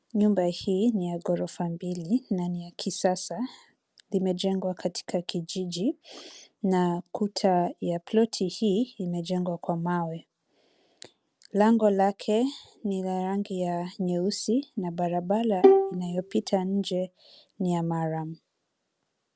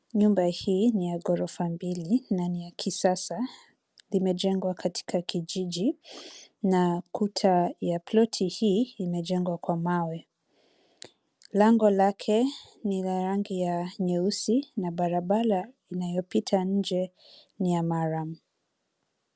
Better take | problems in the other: second | background sound (Bowed string instrument); 5 dB above the speech

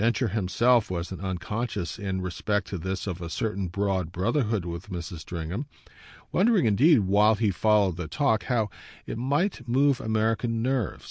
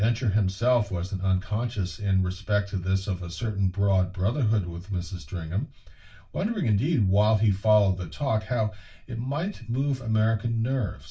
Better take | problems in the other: first | room echo; dies away in 0.2 s

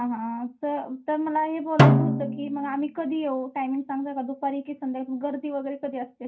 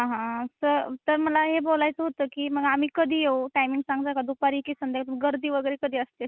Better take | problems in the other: second | background sound (Snare drum); 5 dB above the speech // room echo; dies away in 0.3 s

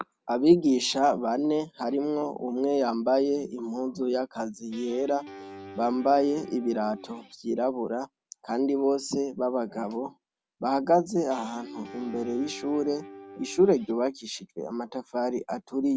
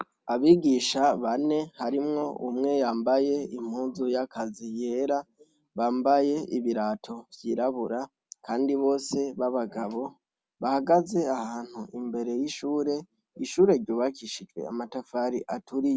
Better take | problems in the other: second | background sound (Guitar); 17 dB below the speech

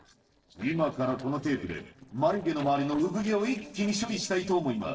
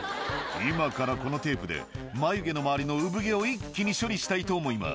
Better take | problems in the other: second | noise reduction (neural separator model SepFormer DNS4)

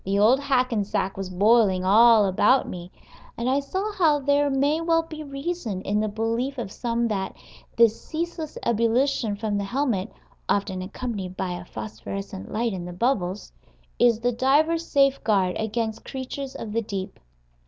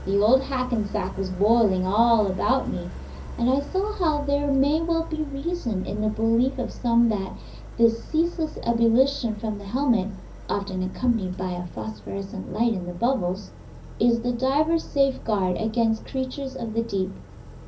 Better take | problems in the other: first | background sound (Idling); 13 dB below the speech // room echo; dies away in 0.4 s

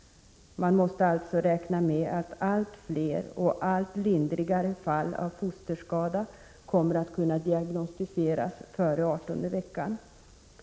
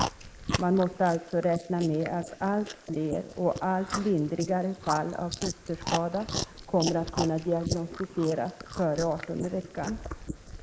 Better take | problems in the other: first | noise reduction (neural mask model Resemble Enhance denoiser)

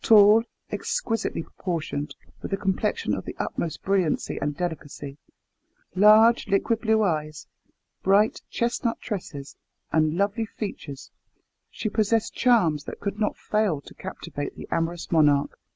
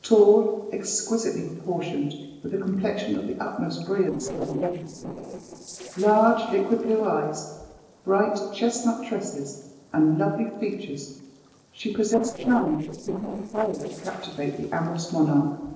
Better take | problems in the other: first | noise reduction (neural separator model SepFormer DNS4)

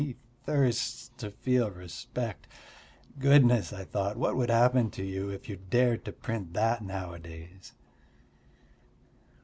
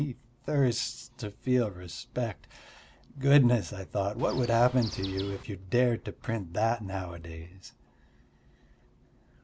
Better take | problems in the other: first | background sound (Chirp, tweet); 12 dB below the speech

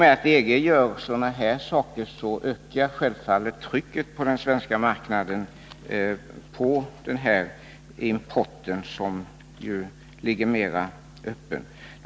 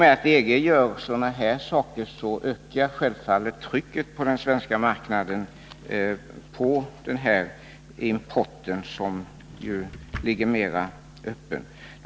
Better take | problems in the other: first | background sound (Drawer open or close); 17 dB below the speech

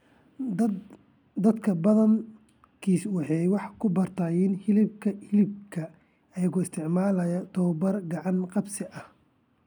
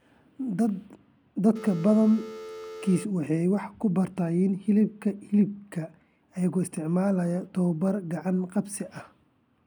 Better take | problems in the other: first | background sound (Telephone); 13 dB below the speech

